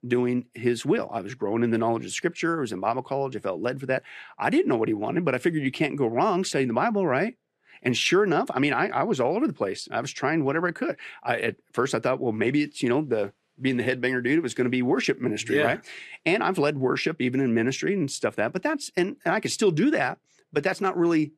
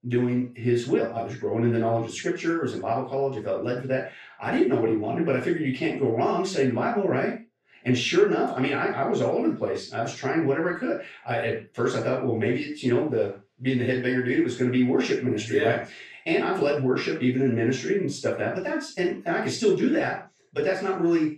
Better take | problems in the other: first | room echo; noticeable; dies away in 0.3 s // off-mic speech; far

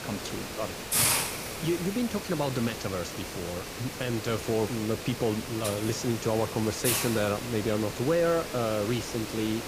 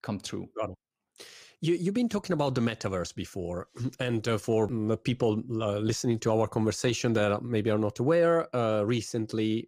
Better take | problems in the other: second | hiss; loud; throughout; 2 dB below the speech

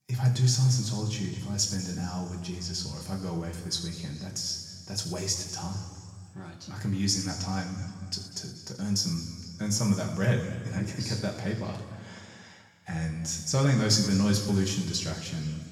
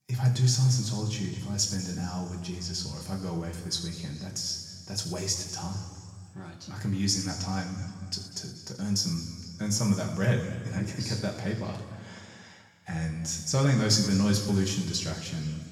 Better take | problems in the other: neither | room echo; noticeable; dies away in 2.1 s; the same in both // off-mic speech; far; the same in both

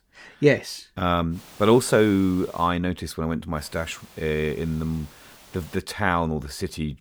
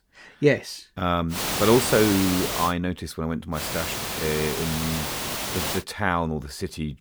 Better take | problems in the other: first | hiss; loud; from 1.5 to 2.5 s and from 3.5 to 6 s; 2 dB below the speech; faint in the first

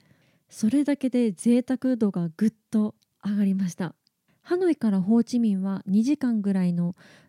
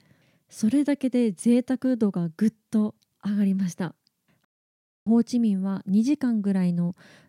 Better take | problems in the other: first | audio cutting out; at 4.5 s for 0.5 s

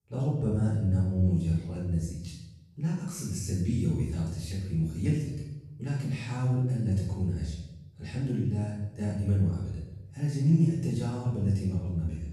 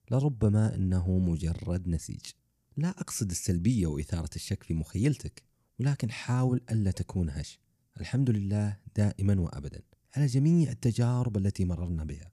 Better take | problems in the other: second | off-mic speech; far // room echo; noticeable; dies away in 0.8 s

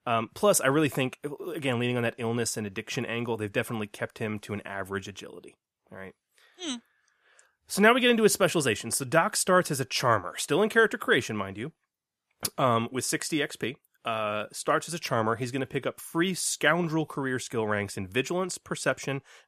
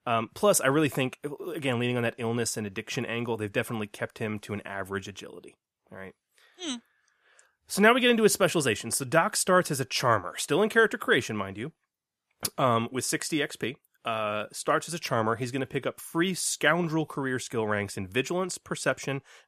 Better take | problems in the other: neither | none

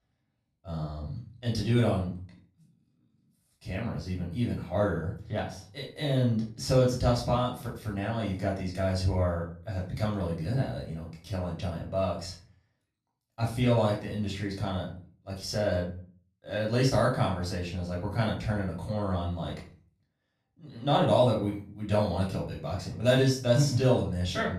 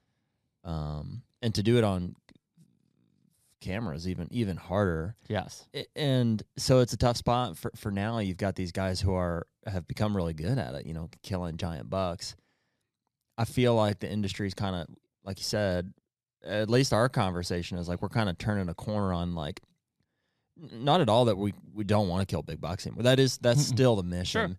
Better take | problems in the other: second | off-mic speech; far // room echo; slight; dies away in 0.4 s

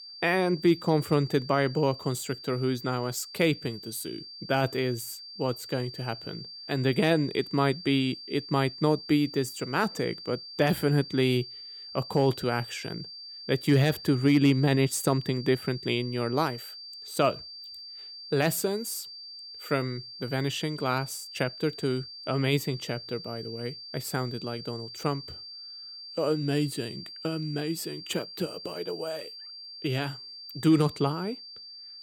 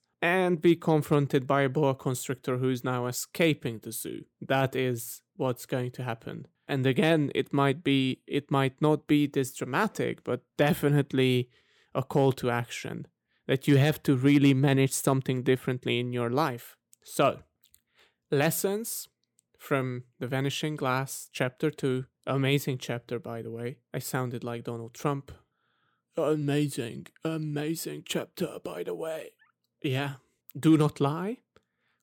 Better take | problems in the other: second | high-pitched whine; noticeable; throughout; 4.5 kHz, 10 dB below the speech

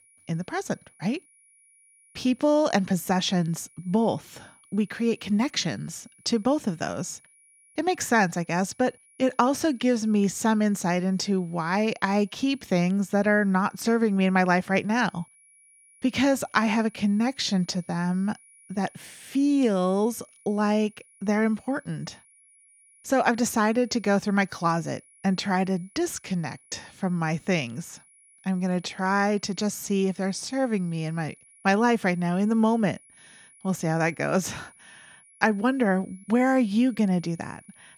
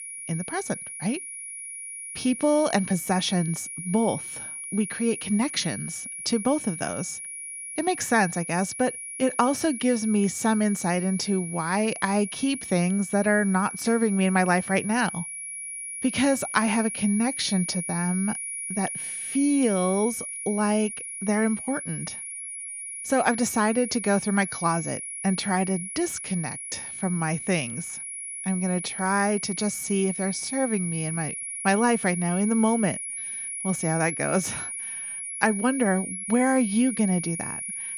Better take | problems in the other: first | high-pitched whine; loud; throughout; 10.5 kHz, 7 dB below the speech; faint in the first

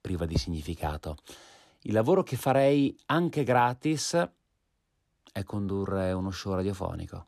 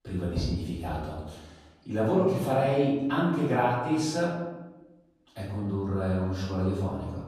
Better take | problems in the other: first | room echo; noticeable; dies away in 1 s // off-mic speech; far

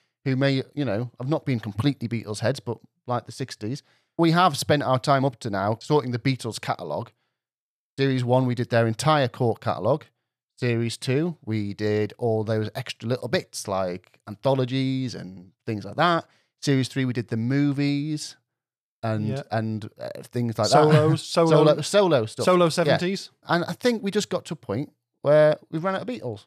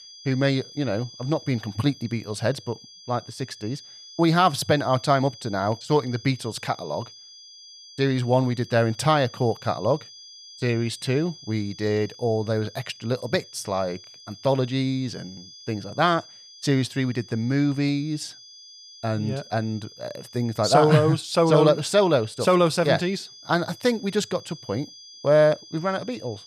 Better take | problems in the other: first | high-pitched whine; noticeable; throughout; 5 kHz, 20 dB below the speech

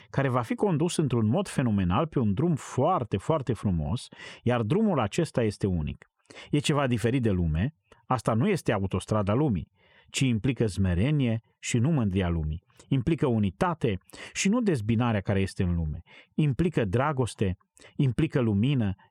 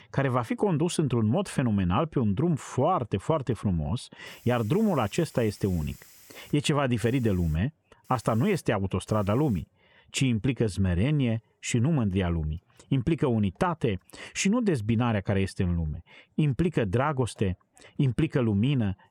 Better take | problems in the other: first | hiss; faint; throughout; 25 dB below the speech

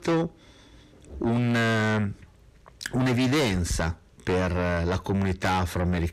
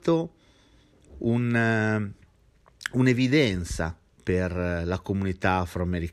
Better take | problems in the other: second | distortion; heavy; 5 dB below the speech

